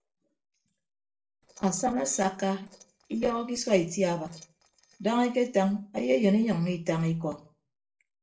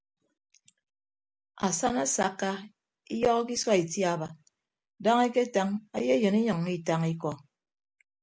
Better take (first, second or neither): second